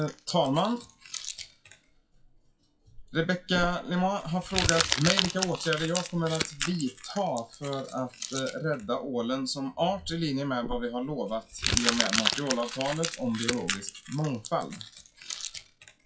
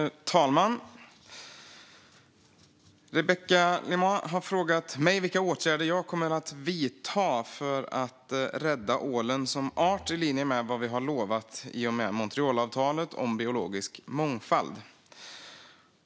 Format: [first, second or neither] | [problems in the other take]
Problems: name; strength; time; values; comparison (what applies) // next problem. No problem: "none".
second | noise reduction (classical method WPE with log-MMSE)